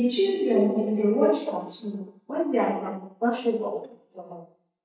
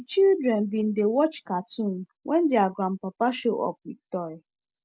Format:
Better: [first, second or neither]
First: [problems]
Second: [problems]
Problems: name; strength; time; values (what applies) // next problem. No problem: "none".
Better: second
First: noise reduction (neural mask model DeepFilterNet 3)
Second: none